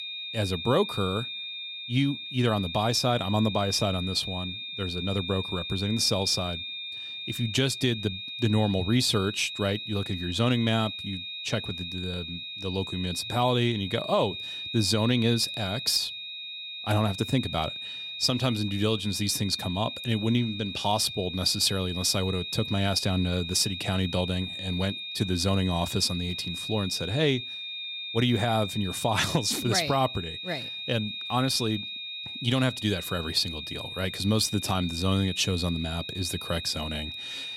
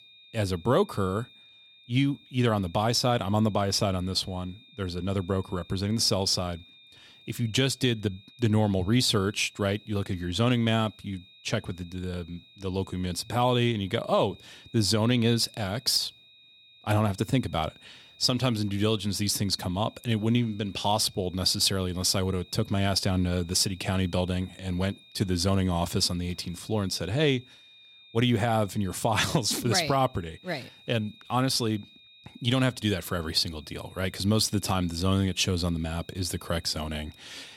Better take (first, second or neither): second